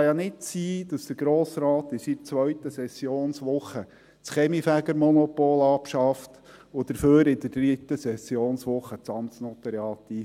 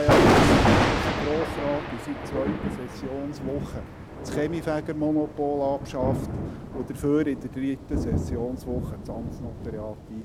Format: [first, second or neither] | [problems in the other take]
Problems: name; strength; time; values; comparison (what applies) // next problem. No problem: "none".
first | background sound (Thunder); 4 dB above the speech